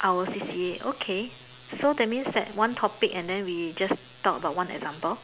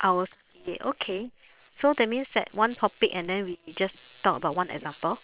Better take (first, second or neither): first